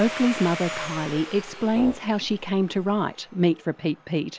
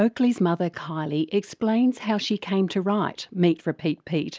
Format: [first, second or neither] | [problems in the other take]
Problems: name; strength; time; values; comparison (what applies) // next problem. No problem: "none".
second | background sound (Domestic sounds, home sounds + Brass instrument); 12 dB below the speech